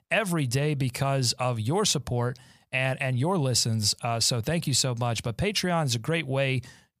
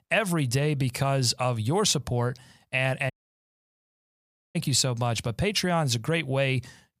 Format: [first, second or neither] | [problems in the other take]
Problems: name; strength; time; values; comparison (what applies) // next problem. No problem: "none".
first | audio cutting out; at 3 s for 1.5 s